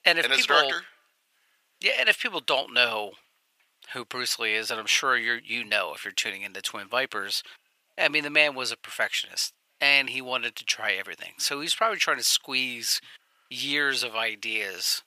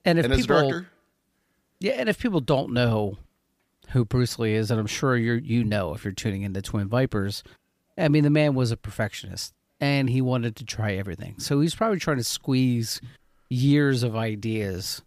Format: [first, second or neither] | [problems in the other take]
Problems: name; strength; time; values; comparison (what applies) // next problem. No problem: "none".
second | thin; very; fading below 900 Hz